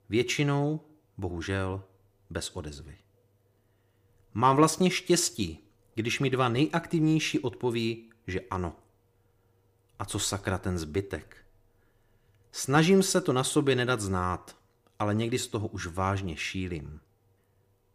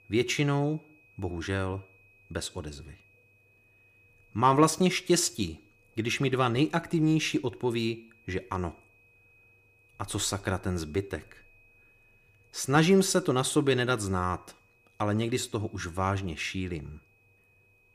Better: first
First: none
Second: high-pitched whine; faint; throughout; 2.5 kHz, 35 dB below the speech

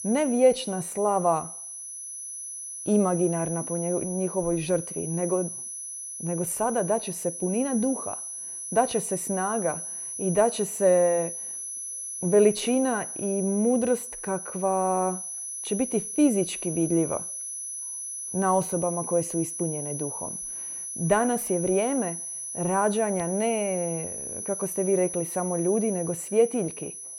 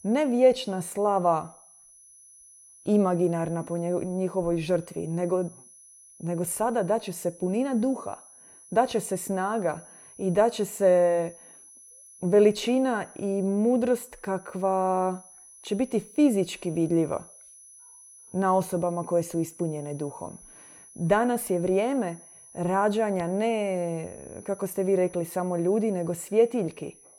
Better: second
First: high-pitched whine; loud; throughout; 10.5 kHz, 7 dB below the speech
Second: high-pitched whine; faint; throughout; 10.5 kHz, 20 dB below the speech

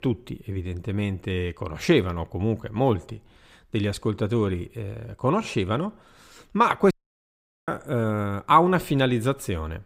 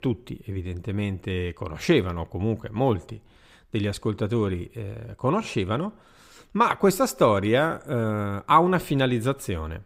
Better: second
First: audio cutting out; at 7 s for 1 s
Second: none

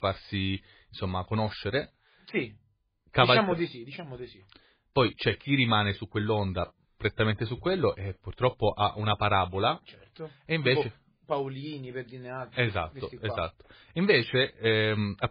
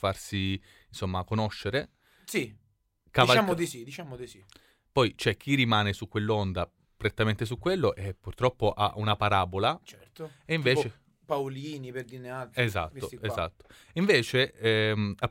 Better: second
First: garbled, watery; badly; nothing above 4 kHz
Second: none

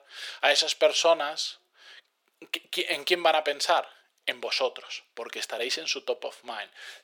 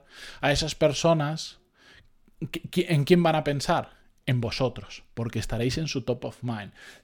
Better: second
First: thin; very; fading below 450 Hz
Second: none

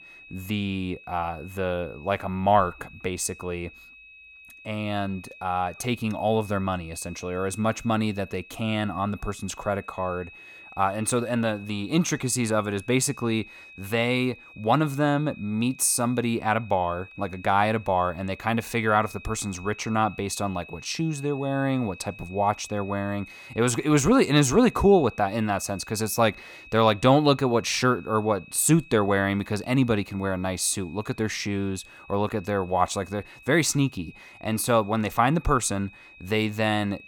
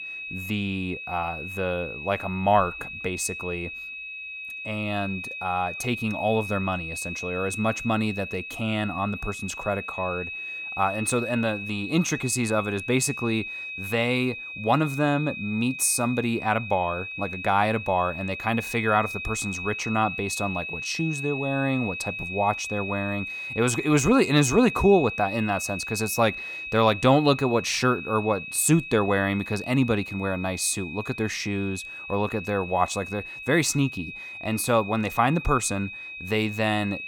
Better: first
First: high-pitched whine; faint; throughout; 2.5 kHz, 20 dB below the speech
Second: high-pitched whine; loud; throughout; 2.5 kHz, 8 dB below the speech

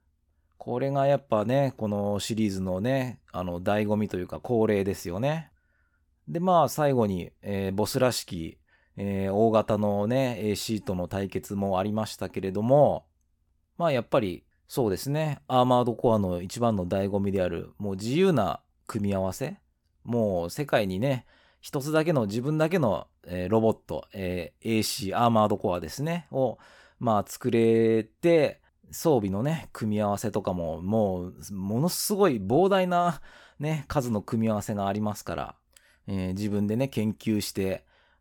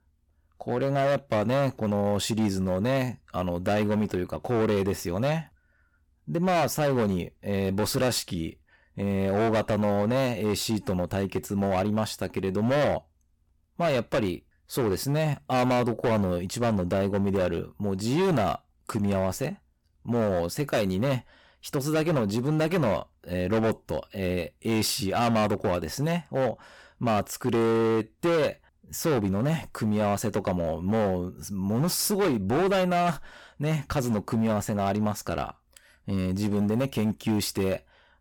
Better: first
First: none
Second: distortion; heavy; 14% of the sound clipped

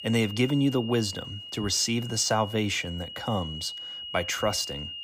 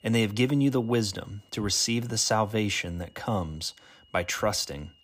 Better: second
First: high-pitched whine; loud; throughout; 3 kHz, 10 dB below the speech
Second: high-pitched whine; faint; throughout; 3 kHz, 35 dB below the speech

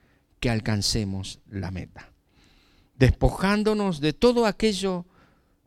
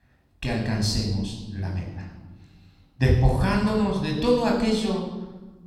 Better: first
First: none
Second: off-mic speech; somewhat distant // room echo; noticeable; dies away in 1.1 s

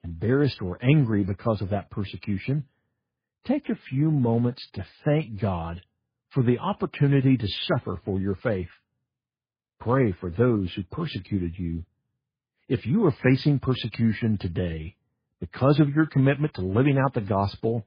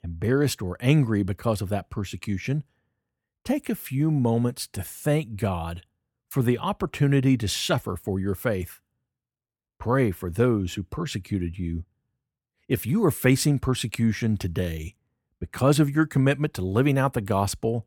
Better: second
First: garbled, watery; badly; nothing above 11.5 kHz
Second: none

